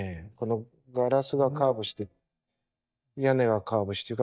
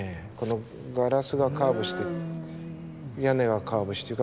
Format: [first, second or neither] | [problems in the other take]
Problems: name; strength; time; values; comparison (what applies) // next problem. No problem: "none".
second | noise reduction (neural mask model DeepFilterNet 3)